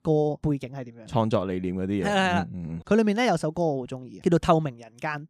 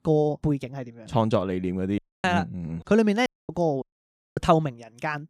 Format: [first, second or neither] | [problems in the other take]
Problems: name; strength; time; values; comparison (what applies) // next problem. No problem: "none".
first | audio cutting out; at 2 s, at 3.5 s and at 4 s for 0.5 s